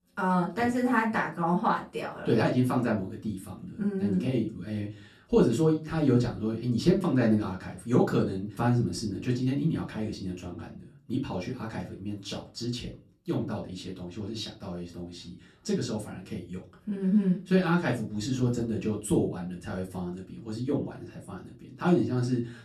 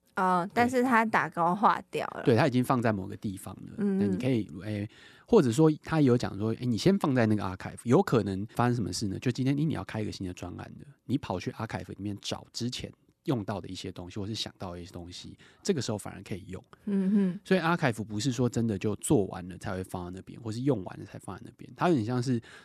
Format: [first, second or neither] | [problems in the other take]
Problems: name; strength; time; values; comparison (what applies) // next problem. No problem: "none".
second | off-mic speech; far // room echo; very slight; dies away in 0.3 s